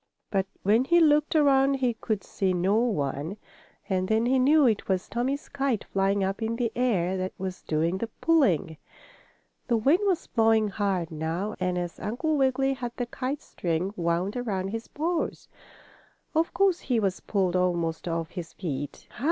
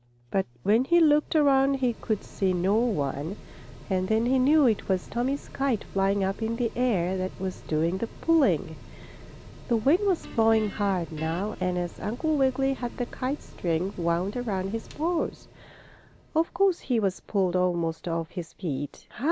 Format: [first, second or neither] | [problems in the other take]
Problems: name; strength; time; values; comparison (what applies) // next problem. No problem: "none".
first | background sound (Mechanical fan + Guitar); 17 dB below the speech